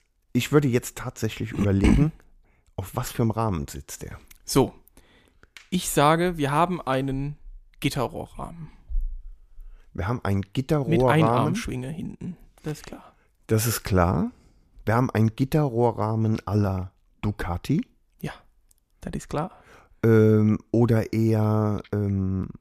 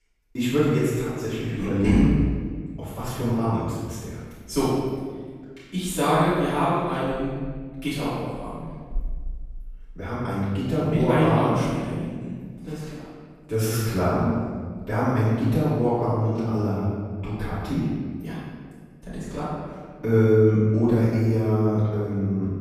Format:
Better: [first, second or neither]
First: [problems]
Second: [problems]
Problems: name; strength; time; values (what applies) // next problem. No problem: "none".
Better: first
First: none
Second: room echo; strong; dies away in 1.5 s // off-mic speech; far